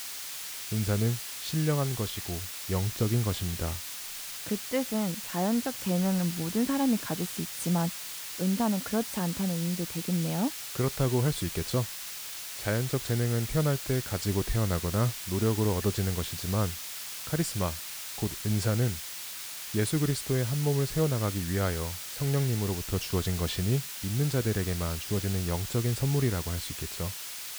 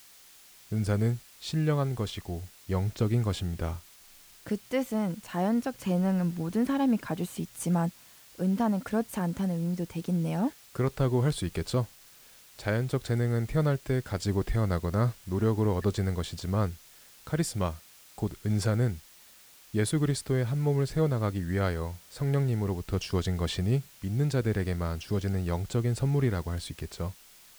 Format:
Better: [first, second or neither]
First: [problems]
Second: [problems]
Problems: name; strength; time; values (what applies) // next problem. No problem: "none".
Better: second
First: hiss; loud; throughout; 6 dB below the speech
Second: hiss; faint; throughout; 20 dB below the speech